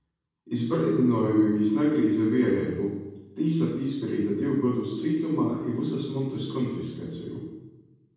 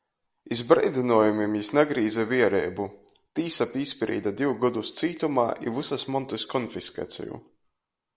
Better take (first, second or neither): second